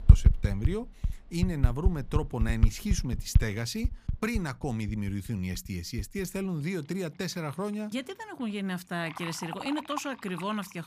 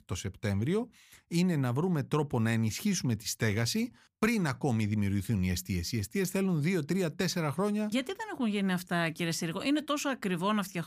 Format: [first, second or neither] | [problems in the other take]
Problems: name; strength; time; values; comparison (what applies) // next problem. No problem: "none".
second | household noises; very loud; throughout; 2 dB above the speech